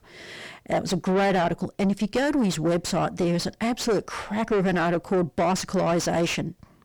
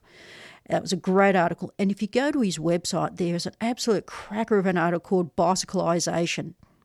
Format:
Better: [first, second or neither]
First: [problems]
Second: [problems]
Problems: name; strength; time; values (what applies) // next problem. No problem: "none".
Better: second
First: distortion; heavy; 6 dB below the speech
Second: none